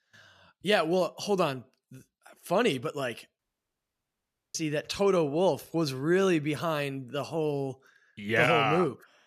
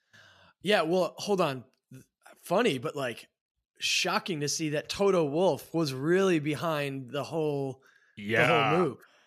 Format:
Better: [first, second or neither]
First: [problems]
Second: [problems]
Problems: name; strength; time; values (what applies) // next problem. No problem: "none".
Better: second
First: audio cutting out; at 3.5 s for 1 s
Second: none